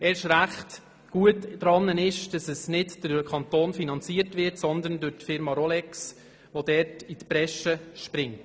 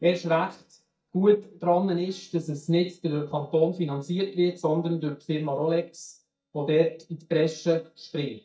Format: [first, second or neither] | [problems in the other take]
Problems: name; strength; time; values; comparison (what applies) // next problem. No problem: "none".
first | noise reduction (neural mask model DeepFilterNet 3)